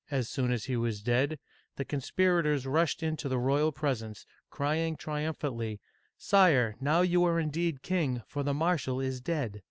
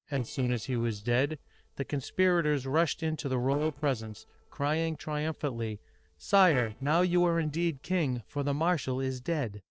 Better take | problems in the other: first | noise reduction (neural separator model SepFormer DNS4)

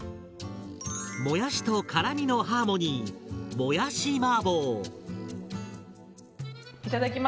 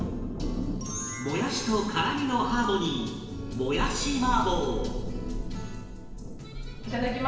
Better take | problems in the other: first | background sound (Thunder); 5 dB below the speech // room echo; dies away in 1.2 s

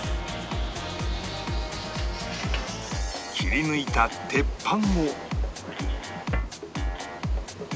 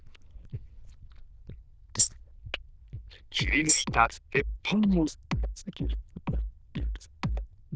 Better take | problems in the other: first | noise reduction (neural diffusion model UNIVERSE++)

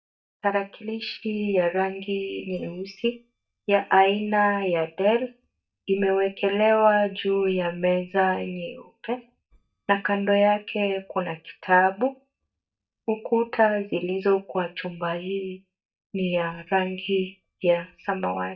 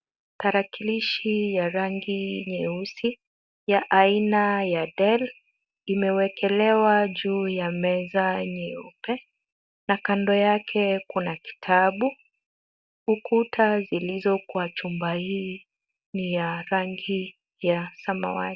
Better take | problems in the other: second | noise reduction (neural mask model DeepFilterNet 3)

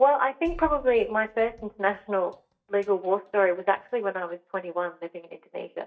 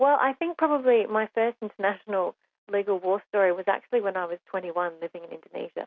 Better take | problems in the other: second | noise reduction (neural mask model DeepFilterNet 3)

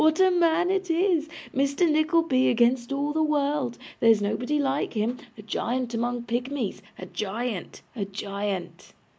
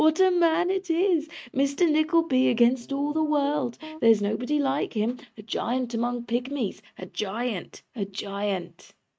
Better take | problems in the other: first | noise reduction (neural mask model RNNoise)

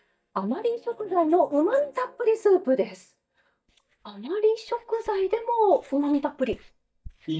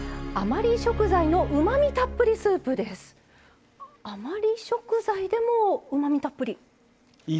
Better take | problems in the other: second | noise reduction (neural mask model DeepFilterNet 3)

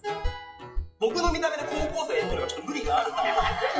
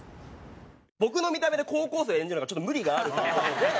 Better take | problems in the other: second | noise reduction (classical method WPE with log-MMSE)

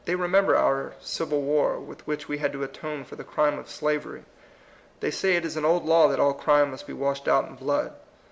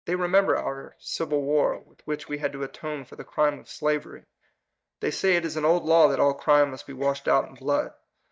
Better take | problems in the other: first | noise reduction (neural mask model DeepFilterNet 3)

